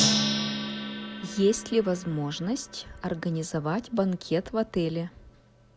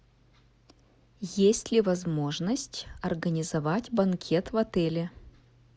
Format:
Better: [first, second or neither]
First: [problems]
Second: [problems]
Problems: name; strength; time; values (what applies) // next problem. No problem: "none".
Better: second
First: background sound (Drum + Gong); 4 dB below the speech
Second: none